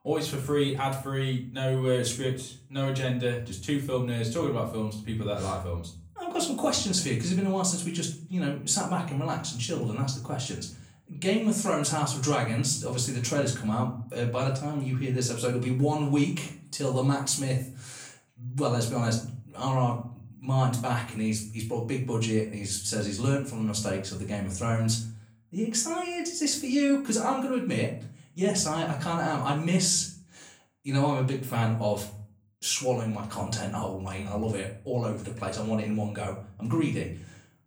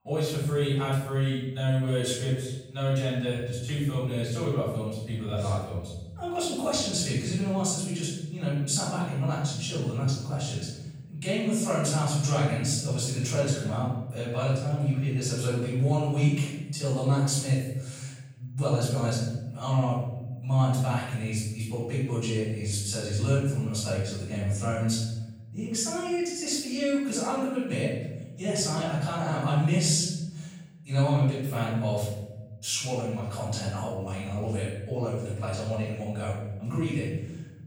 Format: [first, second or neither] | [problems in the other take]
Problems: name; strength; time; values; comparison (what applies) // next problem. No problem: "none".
first | room echo; strong; dies away in 1.1 s; slight in the first // off-mic speech; far; far in the first